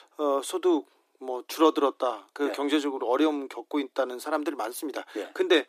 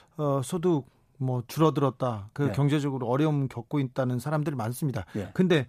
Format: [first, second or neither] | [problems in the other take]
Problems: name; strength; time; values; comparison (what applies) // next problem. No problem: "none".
second | thin; somewhat; fading below 300 Hz